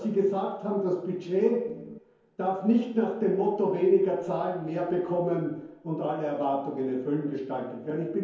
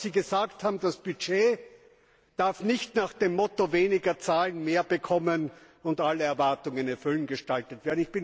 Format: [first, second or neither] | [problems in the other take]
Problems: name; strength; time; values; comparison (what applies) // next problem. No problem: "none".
second | background sound (Organ); 15 dB below the speech // room echo; dies away in 0.9 s